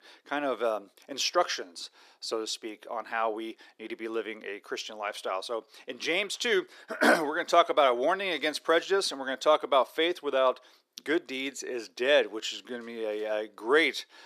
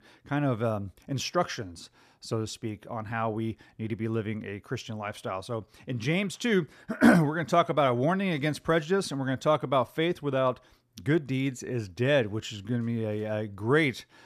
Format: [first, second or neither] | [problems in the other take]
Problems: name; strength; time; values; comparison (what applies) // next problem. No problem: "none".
second | thin; very; fading below 350 Hz